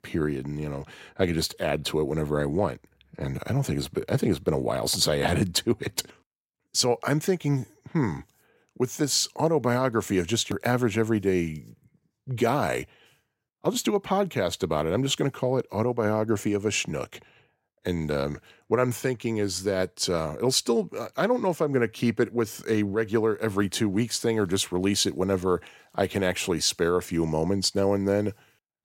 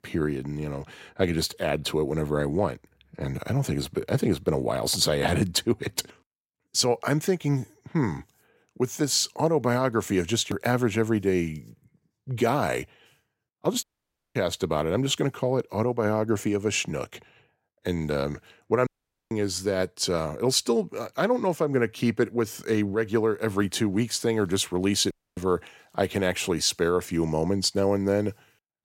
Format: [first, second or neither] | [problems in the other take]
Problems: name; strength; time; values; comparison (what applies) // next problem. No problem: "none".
first | audio cutting out; at 14 s for 0.5 s, at 19 s and at 25 s